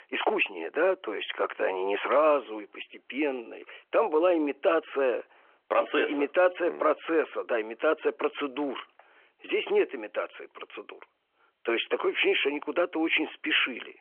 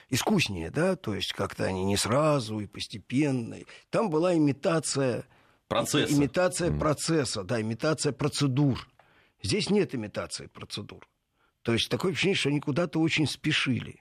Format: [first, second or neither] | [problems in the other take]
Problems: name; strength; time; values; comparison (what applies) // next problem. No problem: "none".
second | phone-call audio; nothing above 3.5 kHz